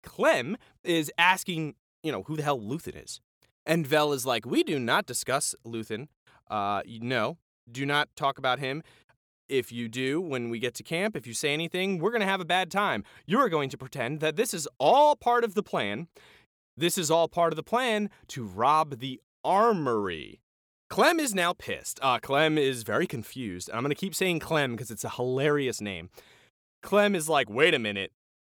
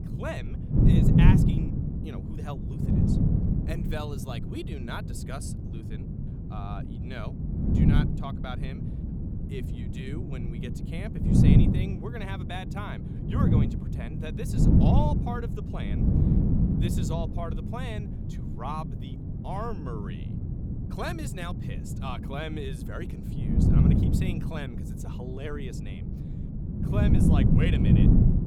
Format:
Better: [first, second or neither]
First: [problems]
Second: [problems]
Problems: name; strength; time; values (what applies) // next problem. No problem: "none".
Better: first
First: none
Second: wind noise on the microphone; heavy; 2 dB above the speech